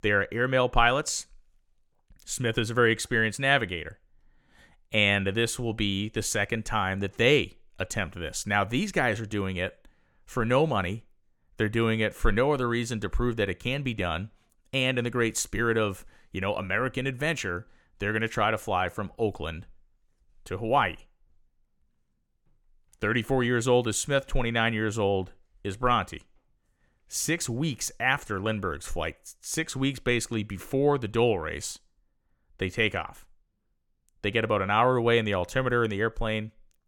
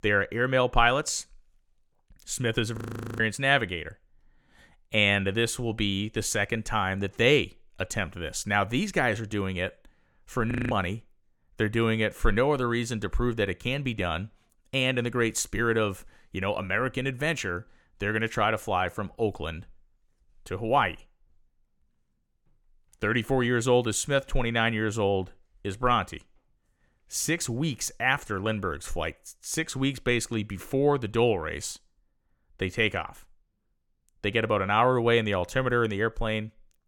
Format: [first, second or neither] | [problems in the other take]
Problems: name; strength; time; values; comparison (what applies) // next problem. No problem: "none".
first | audio freezing; at 3 s and at 11 s